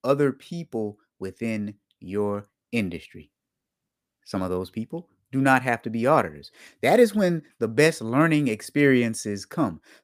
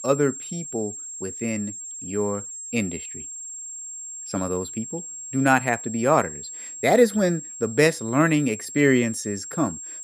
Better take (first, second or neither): first